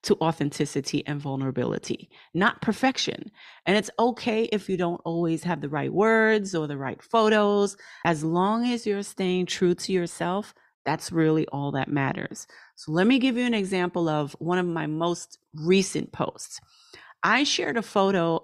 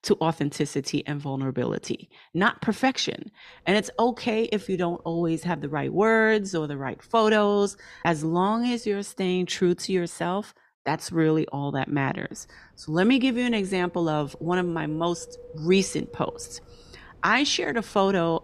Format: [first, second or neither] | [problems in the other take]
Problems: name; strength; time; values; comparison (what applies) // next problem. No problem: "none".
first | wind noise on the microphone; occasional gusts; from 3.5 to 9 s and from 12 s on; 25 dB below the speech